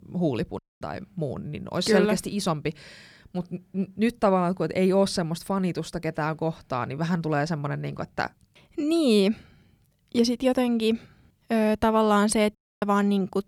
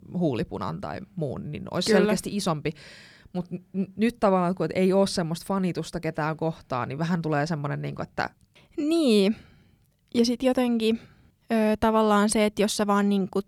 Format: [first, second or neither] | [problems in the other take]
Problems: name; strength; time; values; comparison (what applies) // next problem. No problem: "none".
second | audio cutting out; at 0.5 s and at 13 s